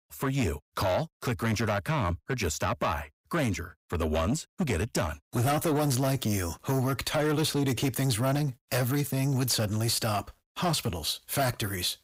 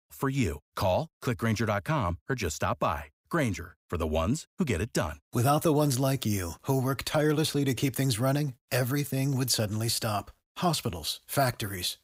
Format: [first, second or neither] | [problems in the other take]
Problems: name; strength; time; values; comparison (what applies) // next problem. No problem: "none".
second | distortion; slight; 10 dB below the speech